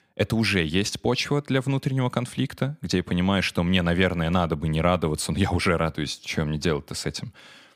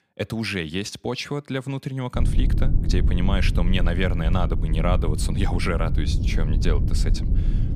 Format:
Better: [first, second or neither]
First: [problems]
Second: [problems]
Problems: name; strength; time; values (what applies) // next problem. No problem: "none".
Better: first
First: none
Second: low rumble; loud; from 2 s on; 9 dB below the speech